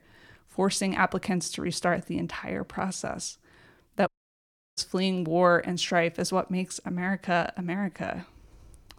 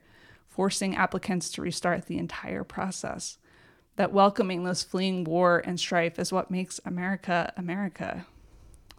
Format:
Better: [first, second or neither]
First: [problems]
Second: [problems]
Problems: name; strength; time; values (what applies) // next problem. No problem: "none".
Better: second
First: audio cutting out; at 4 s for 0.5 s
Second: none